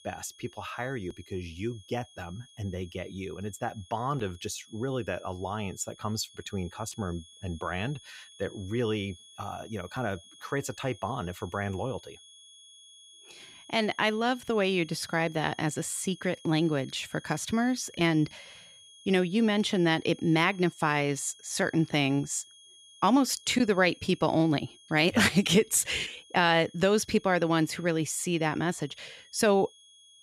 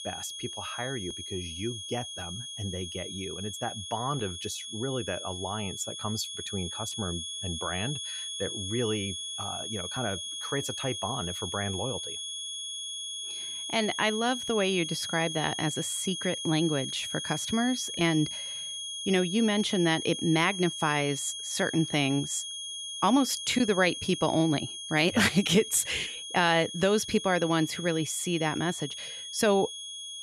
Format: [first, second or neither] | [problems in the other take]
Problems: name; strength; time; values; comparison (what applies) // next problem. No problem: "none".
first | high-pitched whine; loud; throughout; 3.5 kHz, 6 dB below the speech; faint in the first